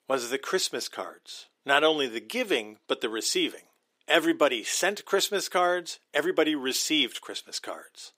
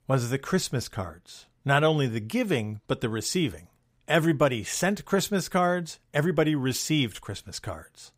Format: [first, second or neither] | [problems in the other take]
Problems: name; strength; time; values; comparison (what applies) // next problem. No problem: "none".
second | thin; somewhat; fading below 350 Hz